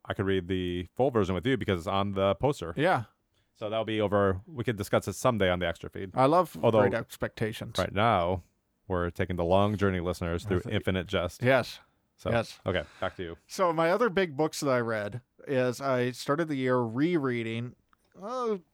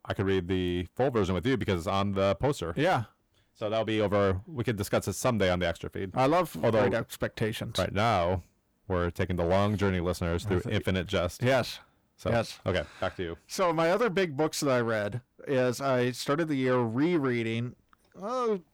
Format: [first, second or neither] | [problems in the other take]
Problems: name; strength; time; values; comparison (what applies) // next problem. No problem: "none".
first | distortion; slight; 10 dB below the speech